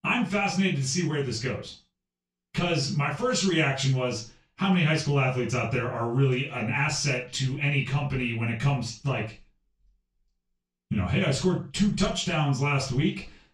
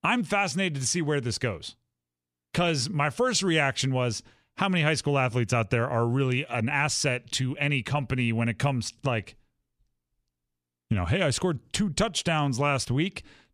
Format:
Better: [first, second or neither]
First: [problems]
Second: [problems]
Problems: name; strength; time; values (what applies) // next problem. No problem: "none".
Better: second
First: room echo; noticeable; dies away in 0.3 s // off-mic speech; far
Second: none